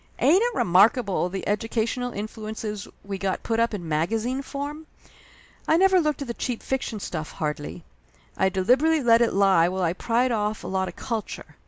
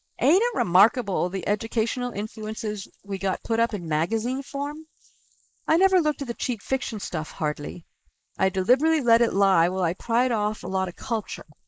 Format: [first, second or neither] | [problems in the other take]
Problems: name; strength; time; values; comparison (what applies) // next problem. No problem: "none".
first | noise reduction (neural mask model Resemble Enhance denoiser)